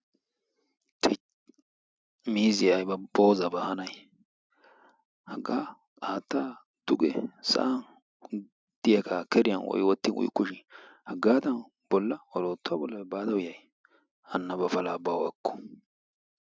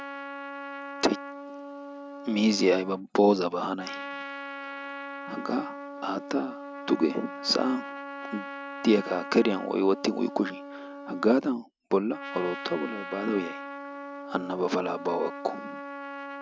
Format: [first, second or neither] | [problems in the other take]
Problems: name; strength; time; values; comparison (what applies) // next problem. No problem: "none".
first | background sound (Trumpet); 10 dB below the speech